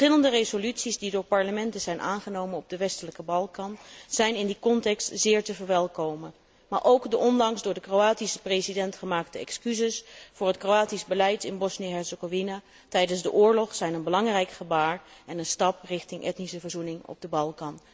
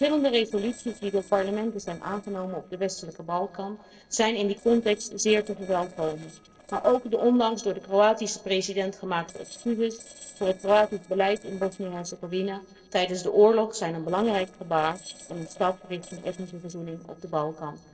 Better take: first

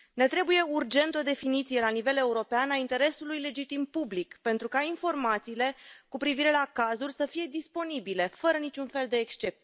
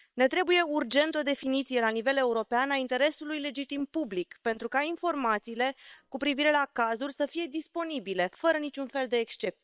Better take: first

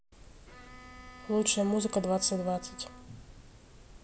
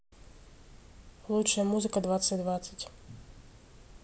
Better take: second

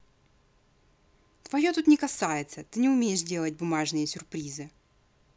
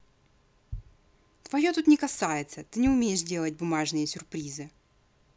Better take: first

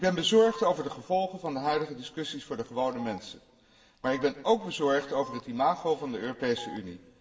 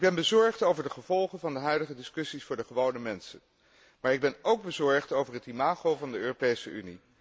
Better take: second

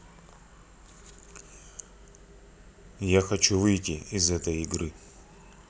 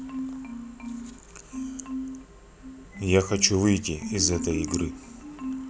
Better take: first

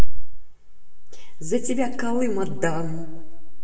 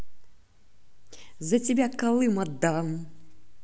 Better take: second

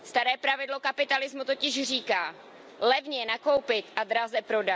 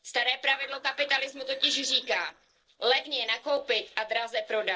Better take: first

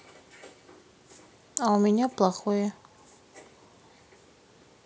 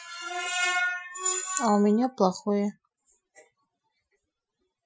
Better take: first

